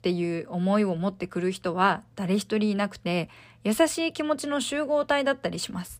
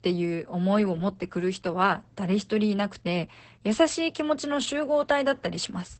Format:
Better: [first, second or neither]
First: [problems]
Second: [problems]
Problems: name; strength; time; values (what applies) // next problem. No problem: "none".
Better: first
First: none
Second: garbled, watery; badly; nothing above 8 kHz